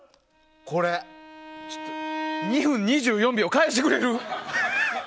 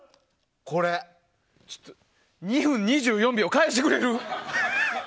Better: second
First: background sound (Bowed string instrument); 11 dB below the speech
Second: none

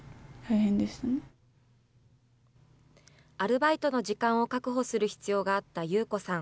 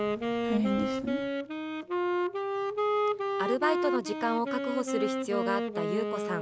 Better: first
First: none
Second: background sound (Wind instrument, woodwind instrument); 2 dB above the speech

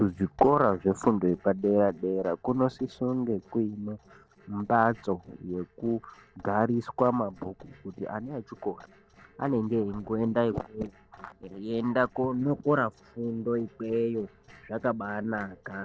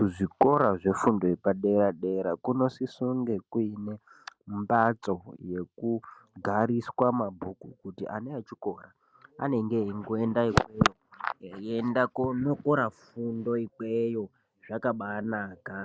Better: second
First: noise reduction (neural separator model SepFormer DNS4)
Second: none

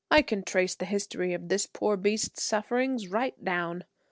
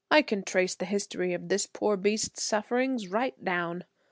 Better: second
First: noise reduction (neural separator model SepFormer DNS4)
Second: none

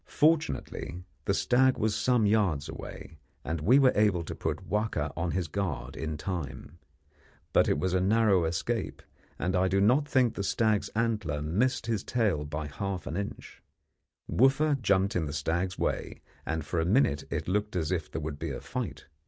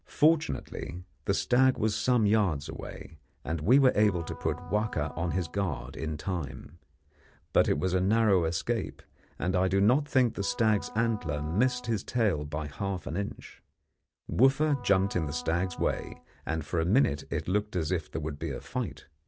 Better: first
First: none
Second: background sound (Wind instrument, woodwind instrument); 20 dB below the speech

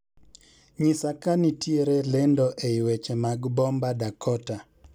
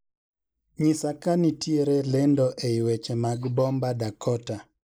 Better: first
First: none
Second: noise reduction (neural mask model Resemble Enhance denoiser)

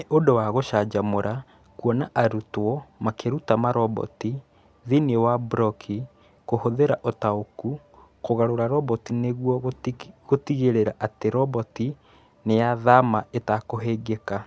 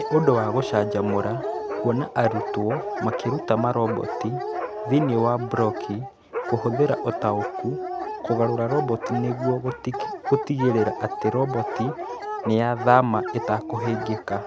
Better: first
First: none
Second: background sound (Dog); 5 dB below the speech

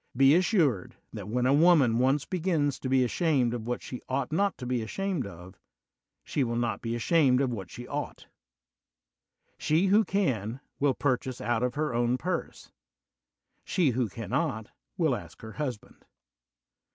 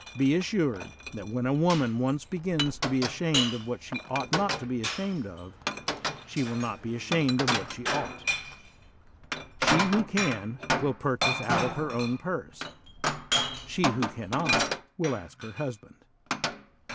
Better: first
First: none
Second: background sound (Glass); 2 dB below the speech

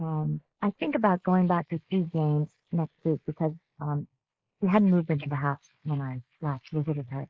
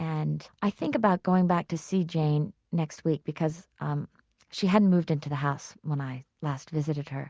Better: second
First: noise reduction (neural mask model Resemble Enhance denoiser)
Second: none

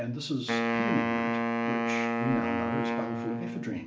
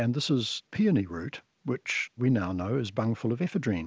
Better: second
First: background sound (Wind instrument, woodwind instrument); 5 dB above the speech // room echo; dies away in 0.7 s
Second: none

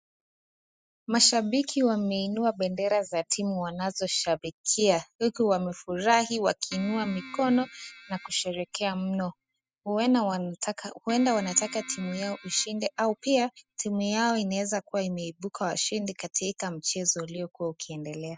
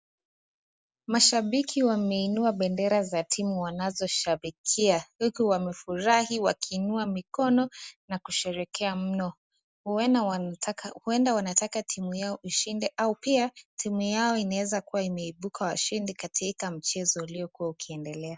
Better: second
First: noise reduction (classical method spectral subtraction)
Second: none

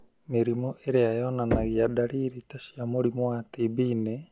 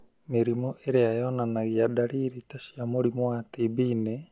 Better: second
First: background sound (Knock); 9 dB below the speech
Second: none

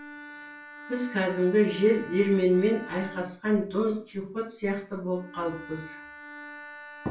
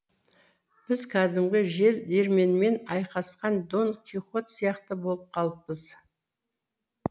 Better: second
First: background sound (Bowed string instrument); 17 dB below the speech // room echo; dies away in 0.3 s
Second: none

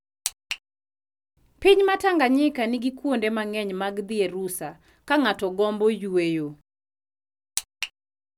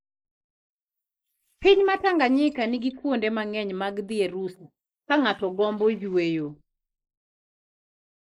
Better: first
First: none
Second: noise reduction (neural mask model Resemble Enhance denoiser)

